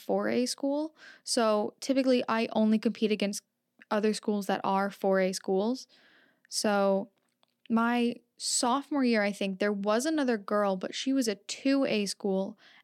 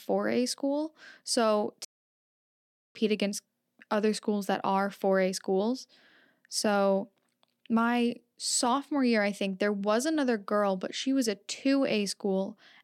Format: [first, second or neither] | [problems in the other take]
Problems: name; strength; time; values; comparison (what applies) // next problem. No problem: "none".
first | audio cutting out; at 2 s for 1 s